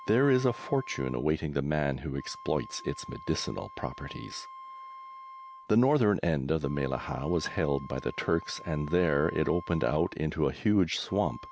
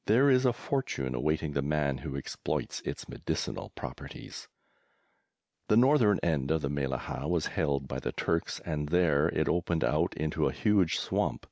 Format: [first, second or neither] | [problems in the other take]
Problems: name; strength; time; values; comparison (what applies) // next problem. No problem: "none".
second | background sound (Wind instrument, woodwind instrument); 18 dB below the speech